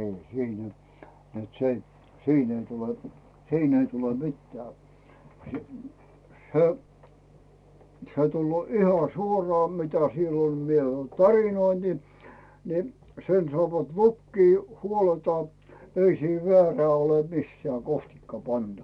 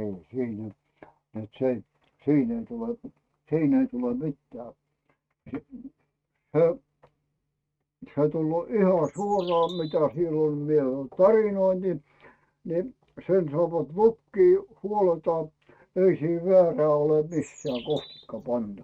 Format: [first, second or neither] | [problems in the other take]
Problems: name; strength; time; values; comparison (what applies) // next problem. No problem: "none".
first | noise reduction (neural mask model RNNoise)